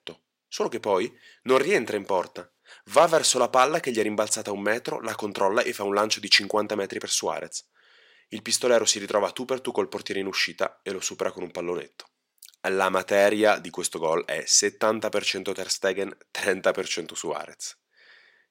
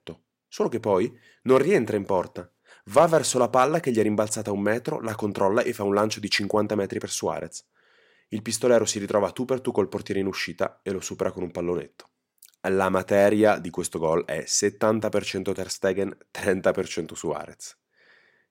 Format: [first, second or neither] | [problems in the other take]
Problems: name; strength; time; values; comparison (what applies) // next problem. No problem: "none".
second | thin; very slightly; fading below 500 Hz